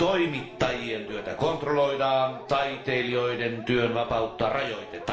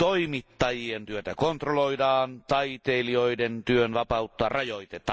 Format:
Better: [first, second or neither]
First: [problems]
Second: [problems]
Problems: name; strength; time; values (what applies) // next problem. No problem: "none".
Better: second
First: background sound (Dog); 16 dB below the speech // room echo; dies away in 0.7 s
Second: none